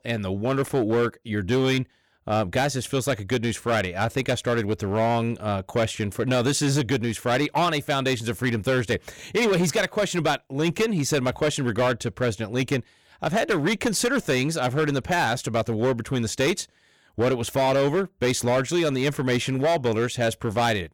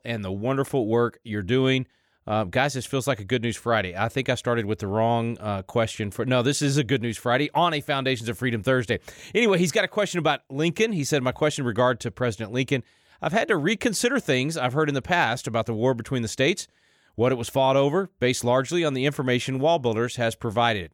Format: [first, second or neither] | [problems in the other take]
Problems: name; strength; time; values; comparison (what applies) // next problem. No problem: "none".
second | distortion; slight; 10% of the sound clipped